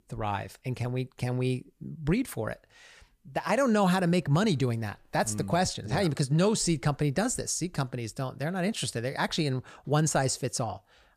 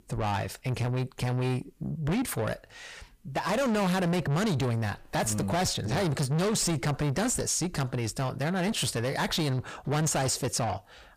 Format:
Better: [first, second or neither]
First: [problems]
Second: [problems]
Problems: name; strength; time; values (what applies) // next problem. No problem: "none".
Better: first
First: none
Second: distortion; heavy; 7 dB below the speech